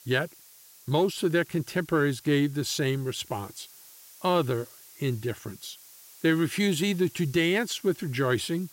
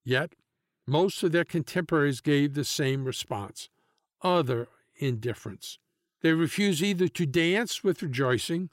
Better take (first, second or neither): second